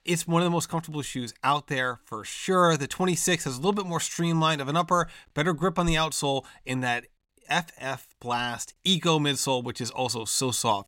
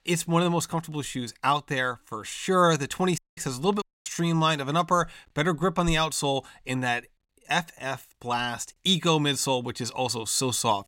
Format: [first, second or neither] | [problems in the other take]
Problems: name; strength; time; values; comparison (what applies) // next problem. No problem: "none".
first | audio cutting out; at 3 s and at 4 s